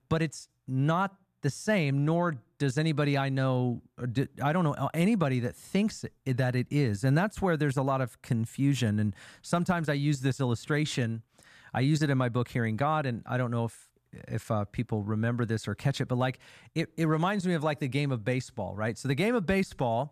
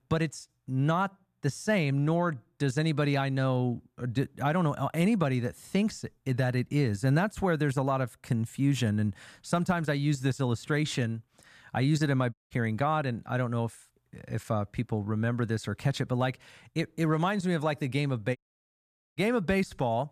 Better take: first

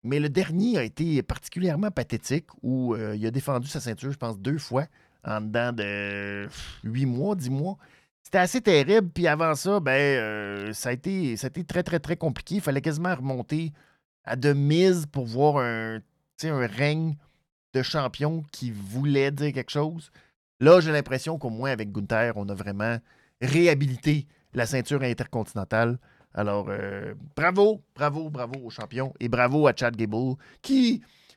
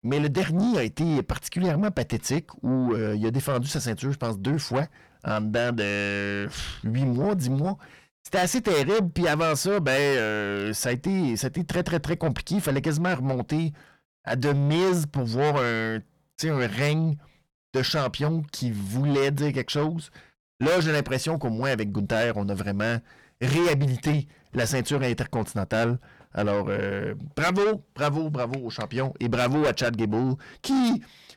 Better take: first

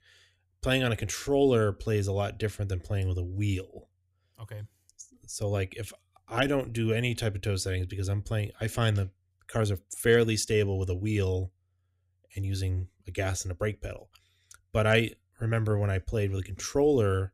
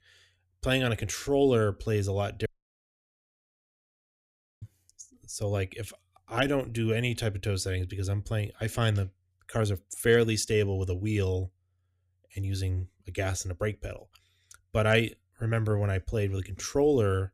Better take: first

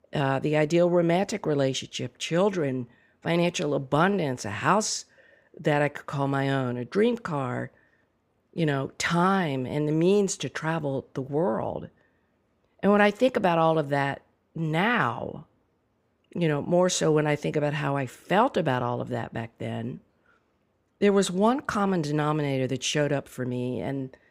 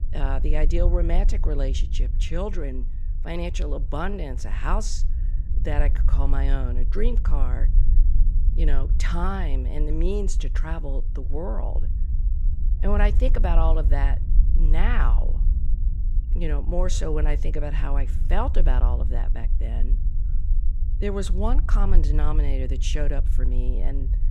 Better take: first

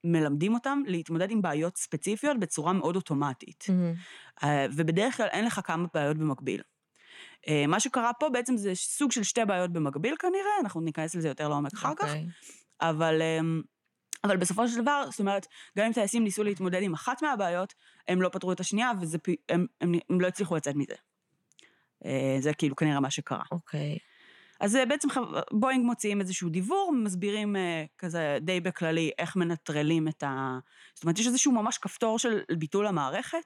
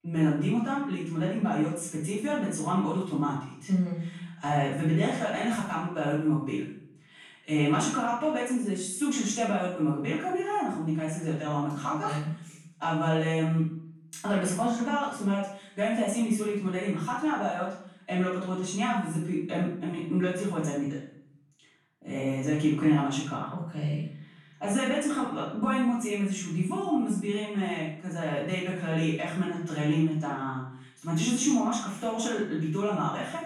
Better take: first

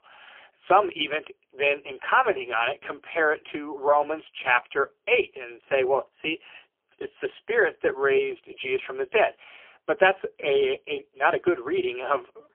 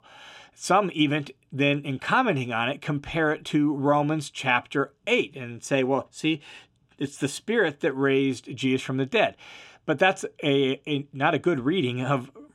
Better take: second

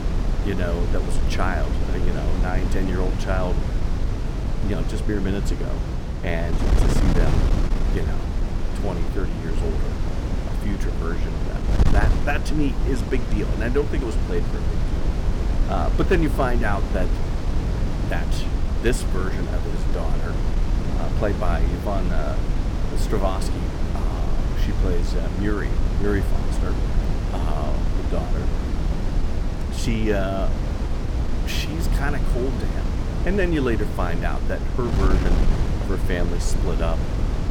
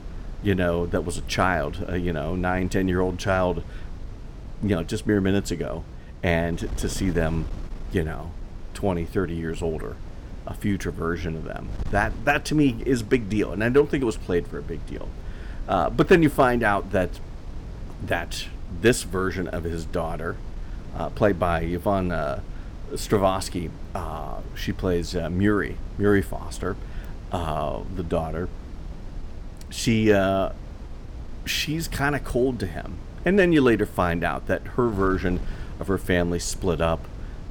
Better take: second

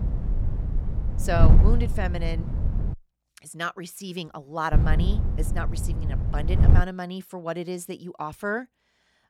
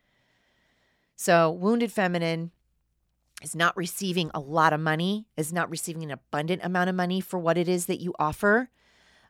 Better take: second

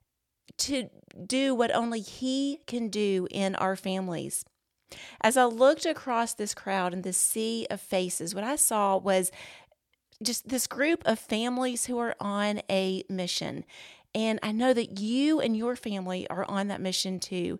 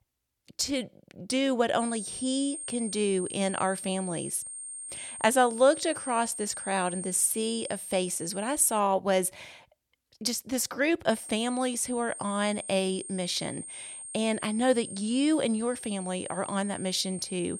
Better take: first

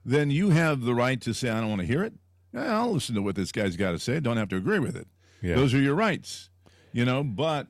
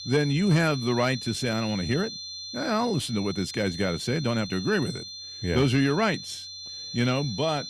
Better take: first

